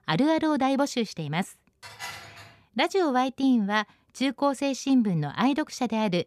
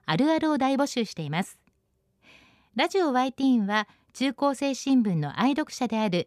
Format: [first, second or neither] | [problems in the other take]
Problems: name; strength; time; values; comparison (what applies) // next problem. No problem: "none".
second | clattering dishes; faint; at 2 s; peak 10 dB below the speech